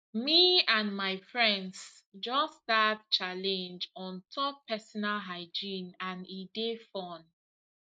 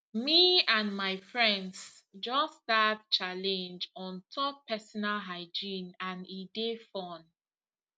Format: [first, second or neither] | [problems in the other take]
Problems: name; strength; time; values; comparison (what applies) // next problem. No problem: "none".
second | noise reduction (neural mask model Resemble Enhance denoiser)